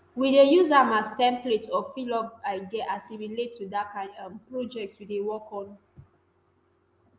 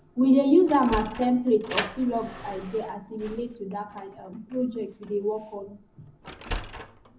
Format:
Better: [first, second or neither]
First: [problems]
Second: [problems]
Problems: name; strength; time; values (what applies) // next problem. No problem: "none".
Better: first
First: none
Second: background sound (Sliding door); 13 dB below the speech // room echo; dies away in 0.4 s